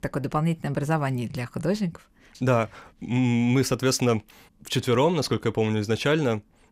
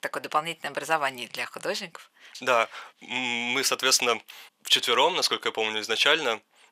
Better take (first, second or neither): first